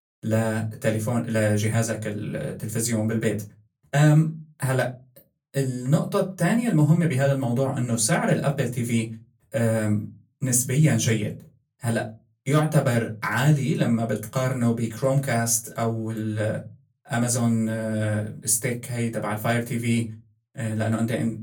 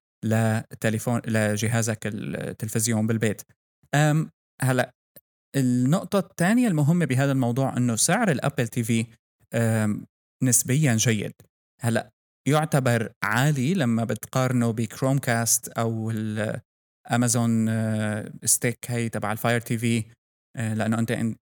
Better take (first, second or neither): second